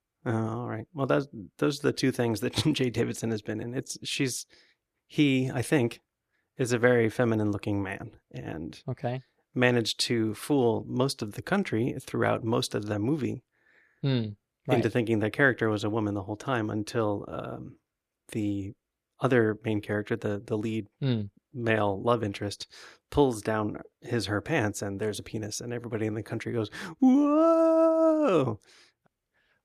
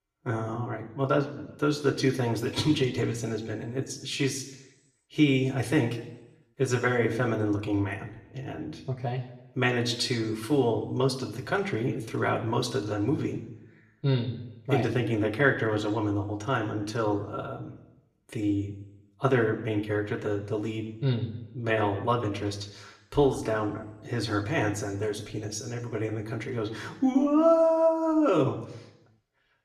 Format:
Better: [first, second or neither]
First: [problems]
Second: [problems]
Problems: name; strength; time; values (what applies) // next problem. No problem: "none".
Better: first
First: none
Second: room echo; slight; dies away in 0.8 s // off-mic speech; somewhat distant